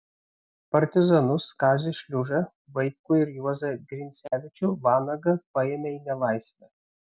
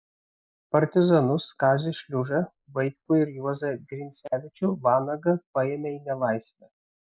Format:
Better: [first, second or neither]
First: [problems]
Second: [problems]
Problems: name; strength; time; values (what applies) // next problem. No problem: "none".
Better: first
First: none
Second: noise reduction (neural mask model Resemble Enhance denoiser)